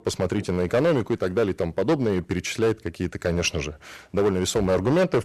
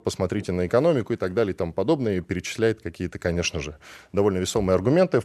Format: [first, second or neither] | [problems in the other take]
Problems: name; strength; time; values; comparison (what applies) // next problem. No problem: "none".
second | distortion; slight; 8% of the sound clipped